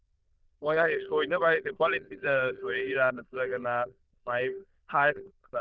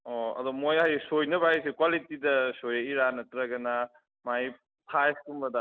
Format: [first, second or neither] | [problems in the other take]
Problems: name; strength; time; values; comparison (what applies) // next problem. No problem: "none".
second | noise reduction (neural diffusion model UNIVERSE++)